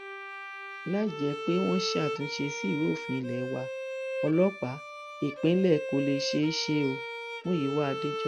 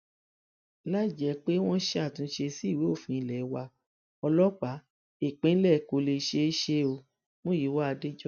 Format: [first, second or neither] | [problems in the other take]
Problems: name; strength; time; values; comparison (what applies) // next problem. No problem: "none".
second | background sound (Bowed string instrument); 6 dB below the speech